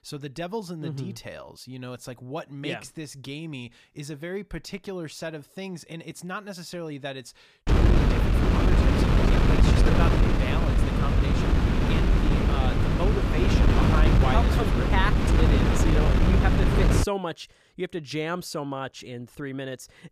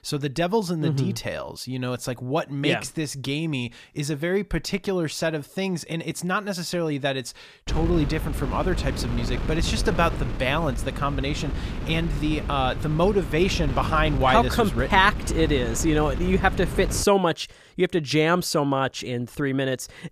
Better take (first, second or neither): second